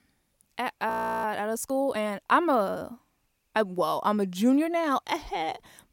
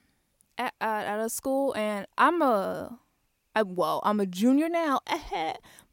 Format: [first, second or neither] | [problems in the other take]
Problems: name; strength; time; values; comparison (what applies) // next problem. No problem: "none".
second | audio freezing; at 1 s